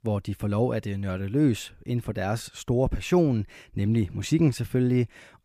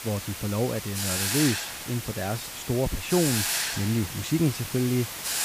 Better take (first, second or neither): first